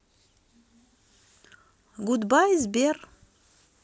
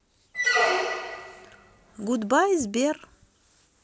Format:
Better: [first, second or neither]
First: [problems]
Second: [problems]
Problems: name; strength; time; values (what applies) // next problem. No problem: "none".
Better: first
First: none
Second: background sound (Squeak); 1 dB above the speech